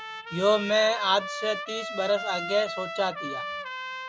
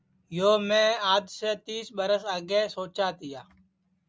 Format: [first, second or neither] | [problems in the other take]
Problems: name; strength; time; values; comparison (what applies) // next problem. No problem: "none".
second | background sound (Trumpet); 7 dB below the speech